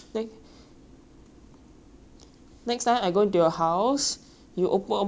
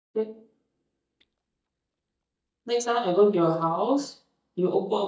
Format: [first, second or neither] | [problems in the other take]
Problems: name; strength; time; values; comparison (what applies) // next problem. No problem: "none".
first | noise reduction (neural mask model DeepFilterNet 3)